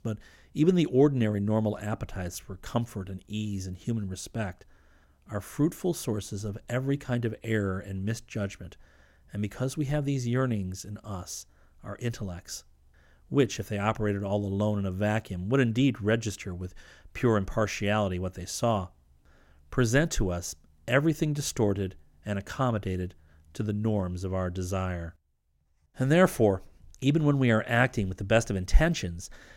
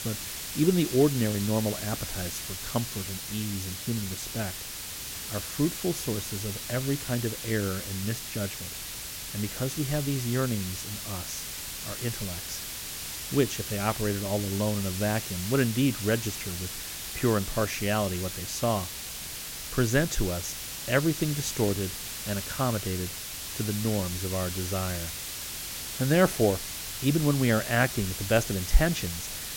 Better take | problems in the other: first | hiss; loud; throughout; 5 dB below the speech

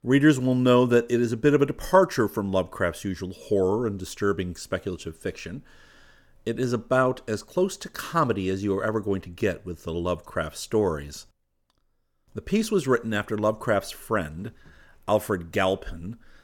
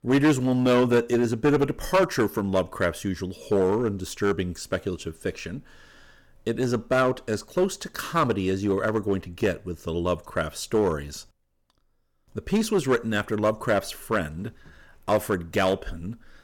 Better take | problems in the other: first | distortion; slight; 5% of the sound clipped

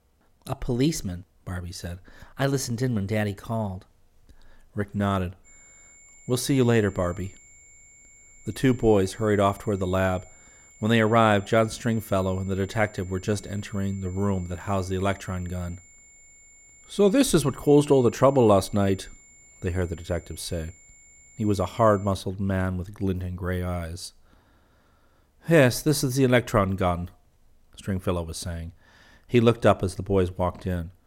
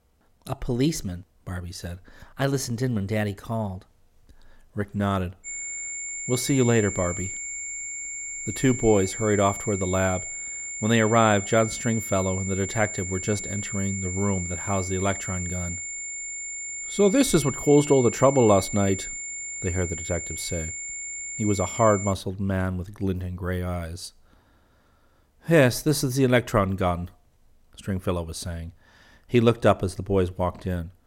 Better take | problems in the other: first | high-pitched whine; loud; from 5.5 to 22 s; 7 kHz, 6 dB below the speech; faint in the first

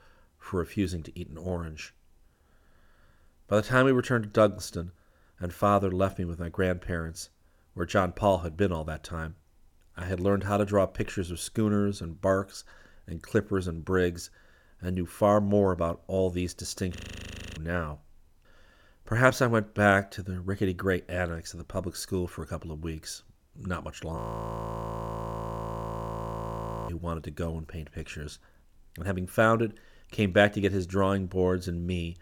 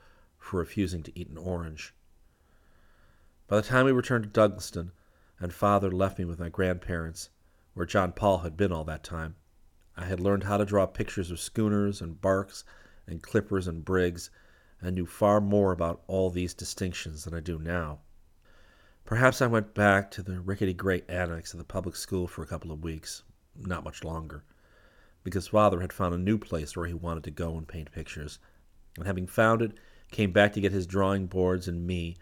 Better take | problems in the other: second | audio freezing; at 17 s for 0.5 s and at 24 s for 2.5 s

